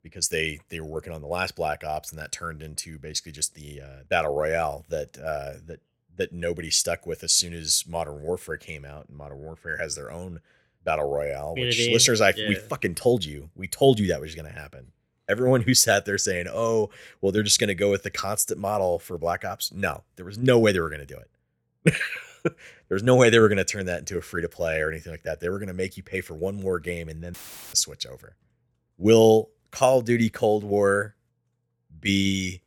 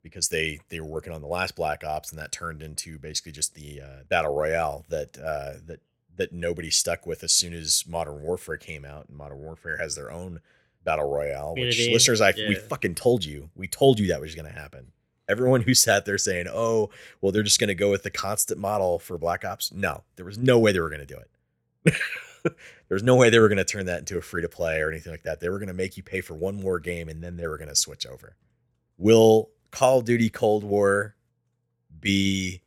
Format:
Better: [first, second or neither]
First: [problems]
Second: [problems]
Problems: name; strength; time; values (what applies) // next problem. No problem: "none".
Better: second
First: audio cutting out; filled with static; at 27 s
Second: none